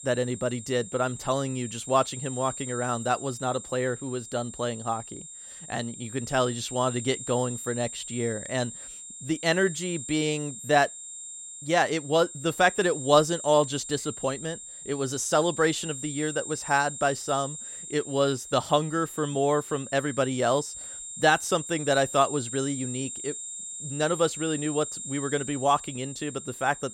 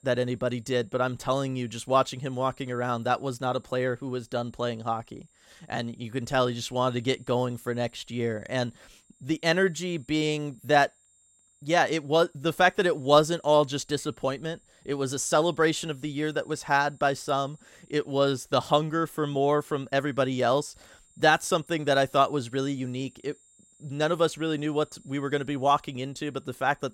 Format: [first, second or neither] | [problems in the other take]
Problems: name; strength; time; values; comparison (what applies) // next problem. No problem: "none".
second | high-pitched whine; loud; throughout; 7.5 kHz, 10 dB below the speech; faint in the second